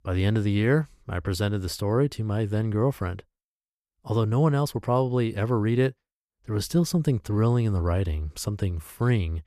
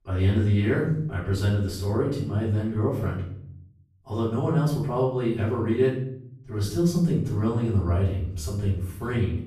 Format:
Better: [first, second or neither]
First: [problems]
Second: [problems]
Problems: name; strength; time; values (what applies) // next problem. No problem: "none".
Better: first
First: none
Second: room echo; noticeable; dies away in 0.7 s // off-mic speech; far